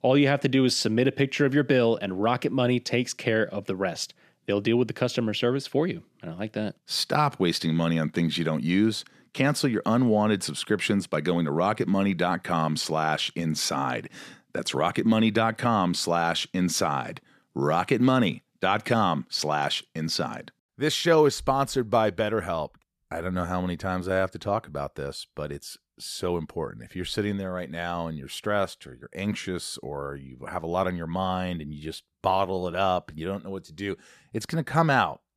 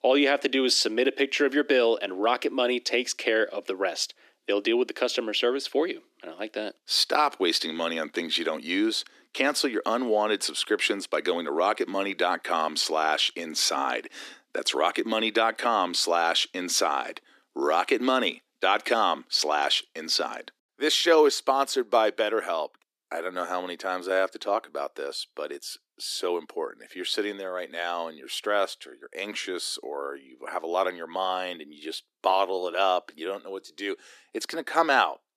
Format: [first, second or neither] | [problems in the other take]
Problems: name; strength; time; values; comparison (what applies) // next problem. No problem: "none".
first | thin; somewhat; fading below 300 Hz